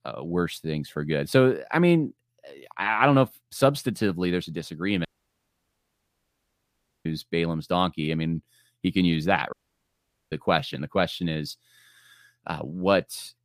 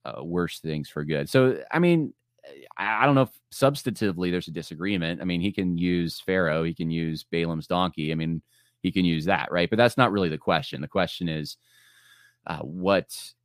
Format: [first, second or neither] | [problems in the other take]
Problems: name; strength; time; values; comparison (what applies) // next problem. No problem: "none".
second | audio cutting out; at 5 s for 2 s and at 9.5 s for 1 s